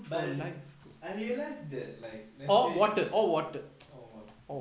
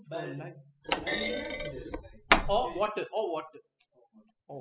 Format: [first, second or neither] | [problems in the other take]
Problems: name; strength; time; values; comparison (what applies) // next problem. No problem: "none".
first | noise reduction (classical method spectral subtraction)